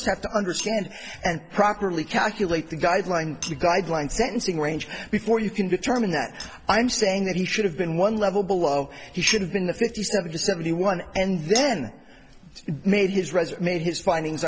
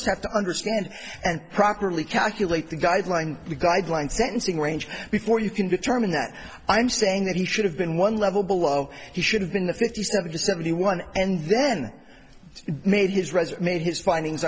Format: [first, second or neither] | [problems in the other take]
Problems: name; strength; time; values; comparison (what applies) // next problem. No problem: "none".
second | background sound (Chink, clink); 17 dB below the speech